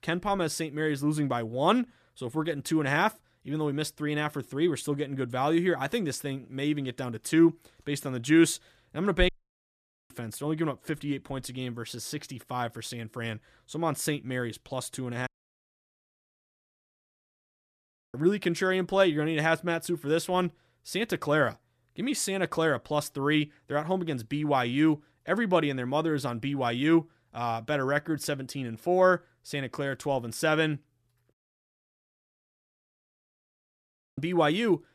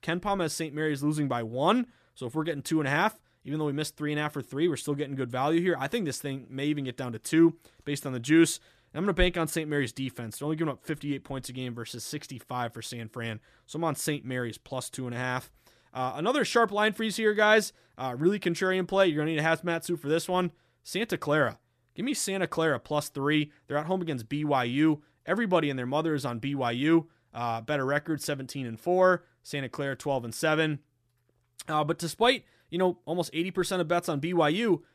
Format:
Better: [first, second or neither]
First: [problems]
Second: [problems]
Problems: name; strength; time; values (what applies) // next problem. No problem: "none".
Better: second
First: audio cutting out; at 9.5 s for 1 s, at 15 s for 3 s and at 31 s for 3 s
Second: none